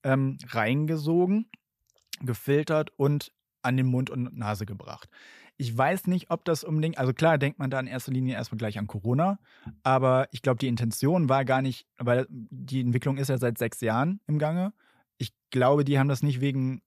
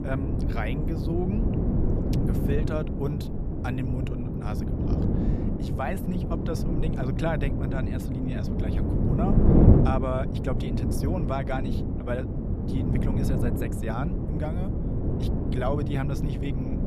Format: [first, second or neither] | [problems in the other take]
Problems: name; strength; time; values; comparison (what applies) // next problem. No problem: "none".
first | wind noise on the microphone; heavy; as loud as the speech